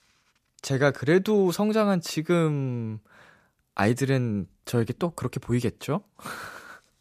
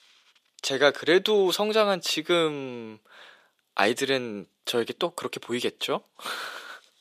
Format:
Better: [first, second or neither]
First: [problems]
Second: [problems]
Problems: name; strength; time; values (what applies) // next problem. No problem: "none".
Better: first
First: none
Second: thin; somewhat; fading below 400 Hz